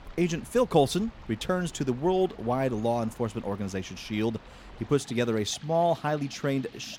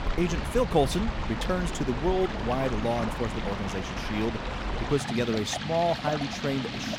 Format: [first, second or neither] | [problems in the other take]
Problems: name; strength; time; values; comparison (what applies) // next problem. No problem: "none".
first | rain or running water; loud; throughout; 4 dB below the speech; faint in the first